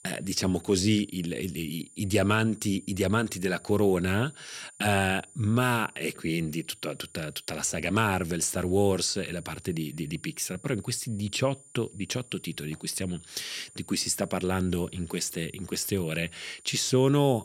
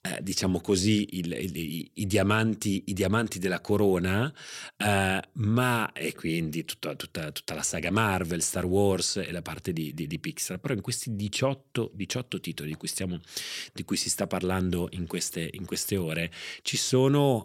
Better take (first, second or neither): second